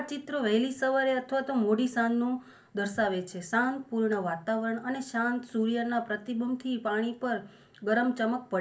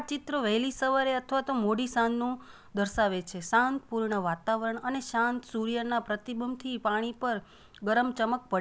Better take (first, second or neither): second